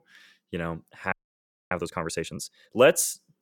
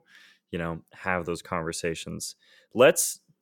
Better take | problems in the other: second | audio freezing; at 1 s for 0.5 s

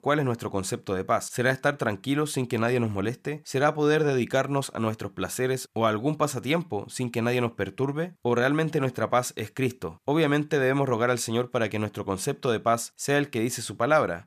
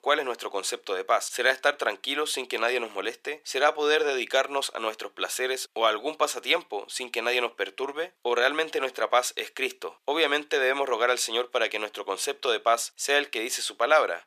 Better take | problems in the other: first | thin; very; fading below 400 Hz

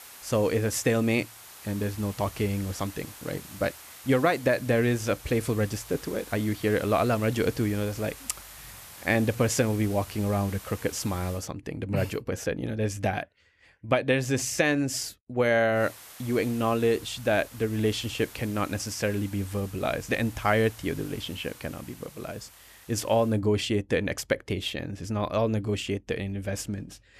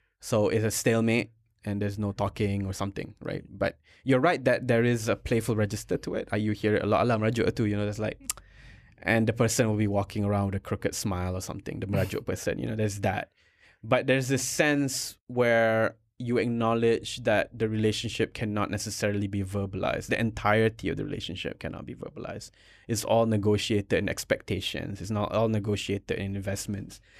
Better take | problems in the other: second | hiss; noticeable; until 11 s and from 16 to 23 s; 15 dB below the speech

